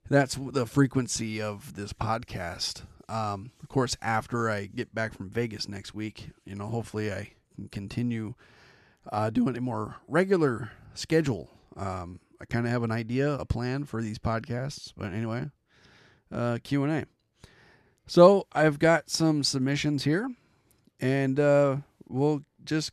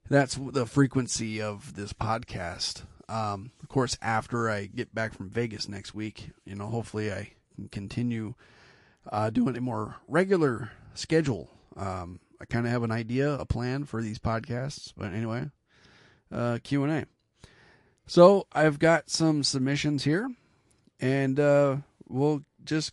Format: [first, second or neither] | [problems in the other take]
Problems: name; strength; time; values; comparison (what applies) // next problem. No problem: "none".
first | garbled, watery; slightly